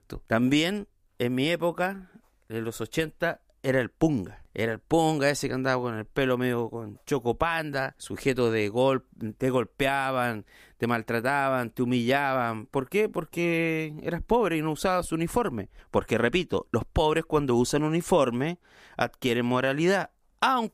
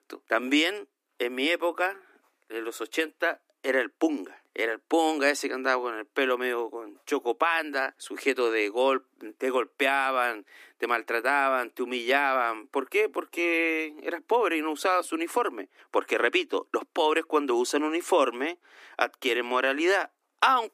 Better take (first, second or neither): first